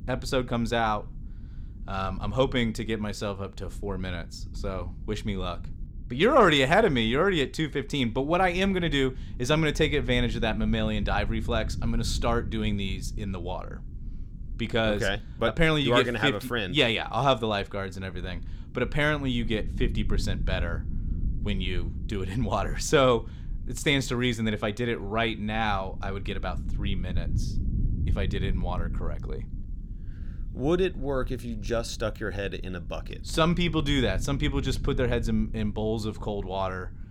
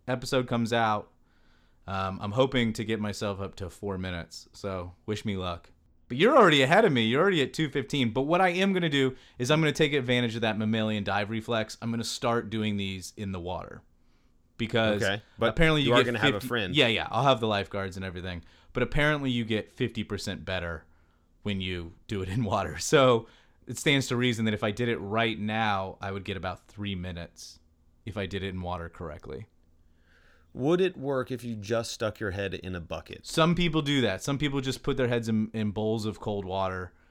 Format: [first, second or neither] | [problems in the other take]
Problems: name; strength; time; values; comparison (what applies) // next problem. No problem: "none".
second | low rumble; faint; throughout; 25 dB below the speech